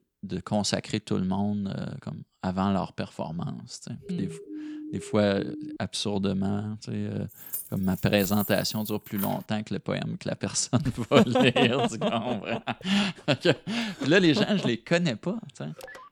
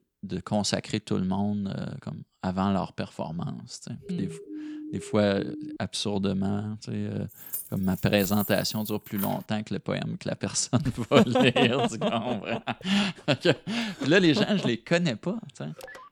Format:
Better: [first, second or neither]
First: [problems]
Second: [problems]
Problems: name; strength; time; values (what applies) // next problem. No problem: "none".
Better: neither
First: siren; faint; from 4 to 6 s; peak 10 dB below the speech // jangling keys; noticeable; from 7.5 to 9.5 s; peak 7 dB below the speech // phone ringing; faint; at 16 s; peak 15 dB below the speech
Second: siren; faint; from 4 to 6 s; peak 10 dB below the speech // jangling keys; noticeable; from 7.5 to 9.5 s; peak 7 dB below the speech // phone ringing; faint; at 16 s; peak 15 dB below the speech